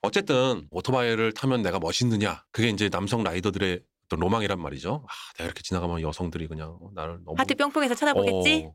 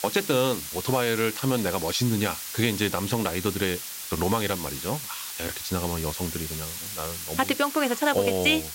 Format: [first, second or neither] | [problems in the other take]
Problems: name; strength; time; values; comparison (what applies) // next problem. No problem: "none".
first | hiss; loud; throughout; 6 dB below the speech